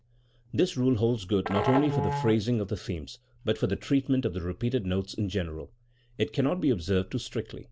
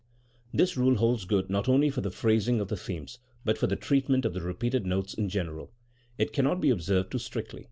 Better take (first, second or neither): second